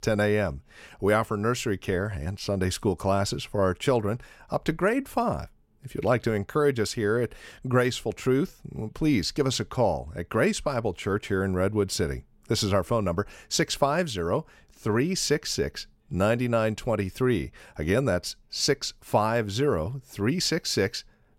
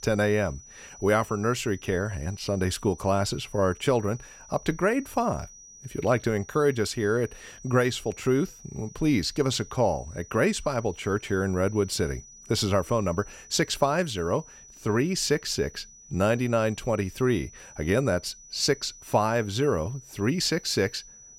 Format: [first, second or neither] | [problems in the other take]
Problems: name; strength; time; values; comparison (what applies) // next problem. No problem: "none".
first | high-pitched whine; faint; throughout; 6 kHz, 20 dB below the speech